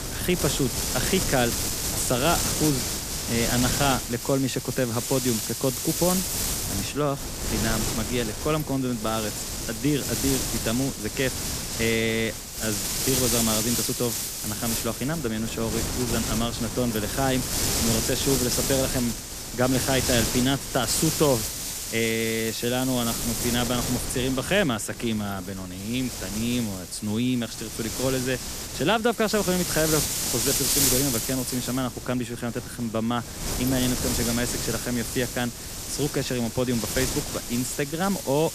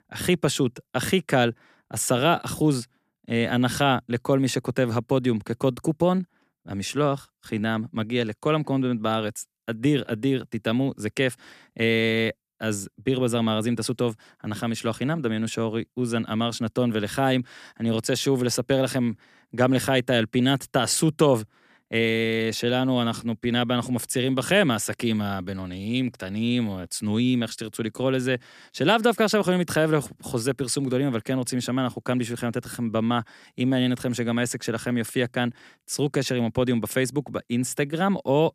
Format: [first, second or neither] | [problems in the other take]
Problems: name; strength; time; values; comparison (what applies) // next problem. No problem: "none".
second | wind noise on the microphone; heavy; 1 dB below the speech